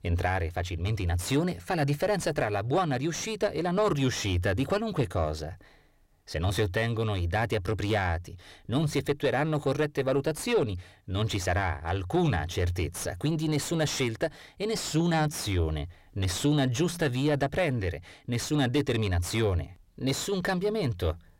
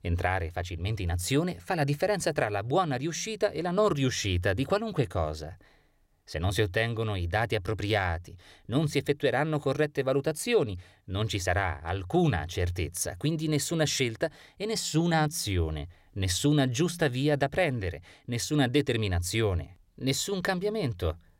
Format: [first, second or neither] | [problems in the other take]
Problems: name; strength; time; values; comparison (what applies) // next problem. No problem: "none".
second | distortion; slight; 10 dB below the speech